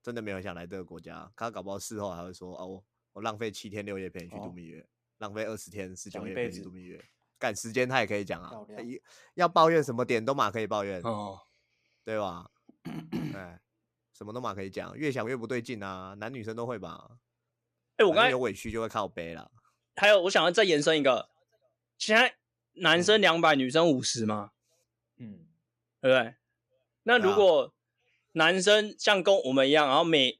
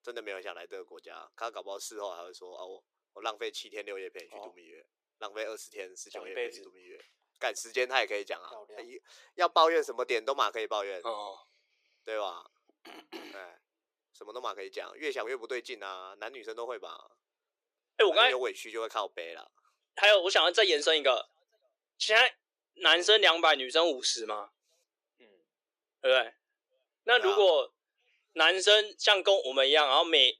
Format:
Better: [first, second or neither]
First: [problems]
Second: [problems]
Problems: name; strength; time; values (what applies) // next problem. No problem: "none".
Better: first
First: none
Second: thin; very; fading below 350 Hz